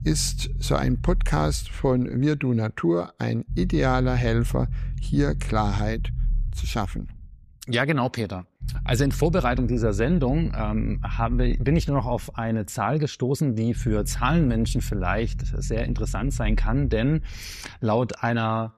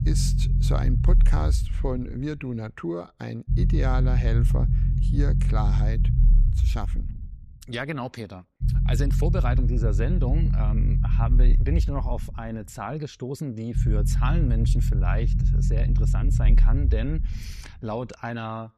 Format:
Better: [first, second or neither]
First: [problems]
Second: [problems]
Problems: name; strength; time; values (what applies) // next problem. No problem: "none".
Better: first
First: low rumble; faint; throughout; 20 dB below the speech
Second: low rumble; loud; throughout; 5 dB below the speech